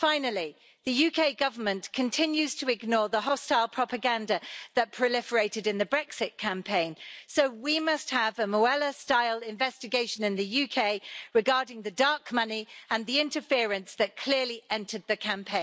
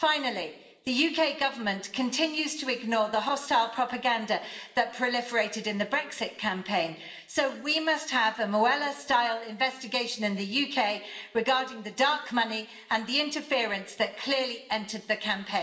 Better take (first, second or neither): first